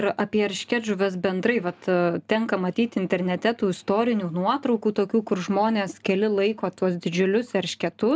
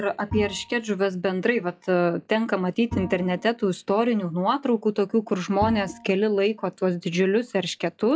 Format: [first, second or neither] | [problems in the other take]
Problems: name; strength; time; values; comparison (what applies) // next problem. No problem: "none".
first | noise reduction (classical method log-MMSE)